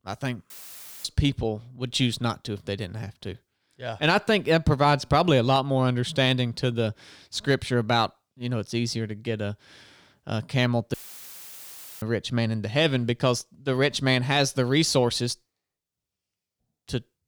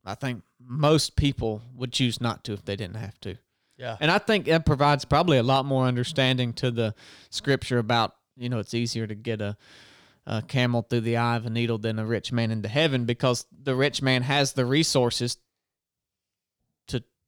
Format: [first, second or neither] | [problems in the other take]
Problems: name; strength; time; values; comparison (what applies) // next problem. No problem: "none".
second | audio cutting out; filled with static; at 0.5 s for 0.5 s and at 11 s for 1 s